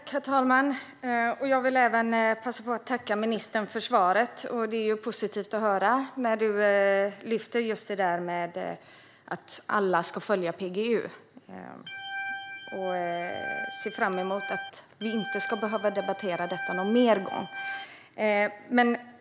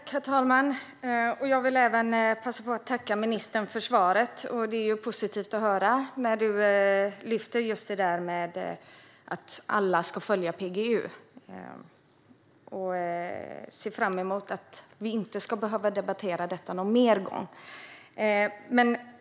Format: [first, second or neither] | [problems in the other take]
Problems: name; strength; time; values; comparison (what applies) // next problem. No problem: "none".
second | background sound (Organ); 9 dB below the speech